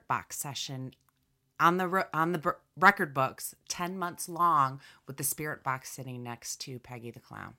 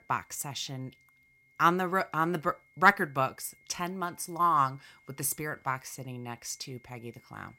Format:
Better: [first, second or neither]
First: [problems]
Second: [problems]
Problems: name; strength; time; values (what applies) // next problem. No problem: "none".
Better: first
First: none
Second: high-pitched whine; faint; throughout; 2 kHz, 30 dB below the speech